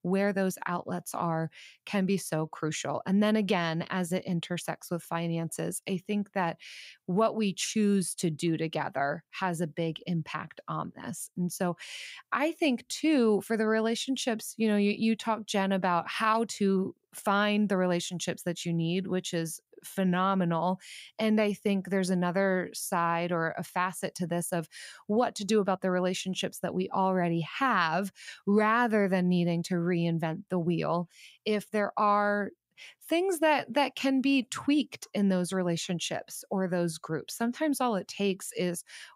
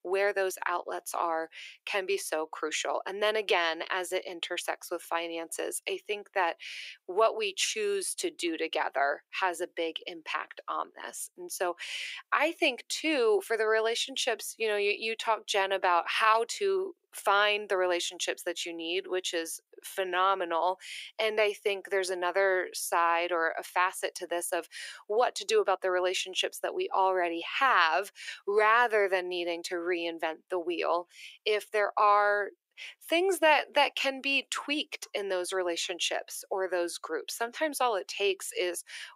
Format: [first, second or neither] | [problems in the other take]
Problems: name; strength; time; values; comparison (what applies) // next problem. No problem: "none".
first | thin; very; fading below 350 Hz